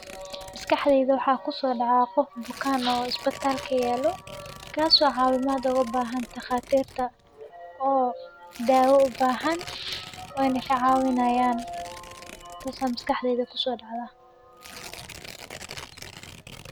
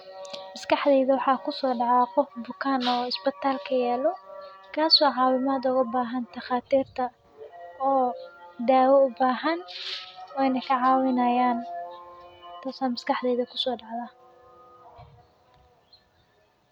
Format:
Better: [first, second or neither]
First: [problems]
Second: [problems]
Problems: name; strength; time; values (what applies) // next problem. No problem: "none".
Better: second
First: background sound (Tearing); 18 dB below the speech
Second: none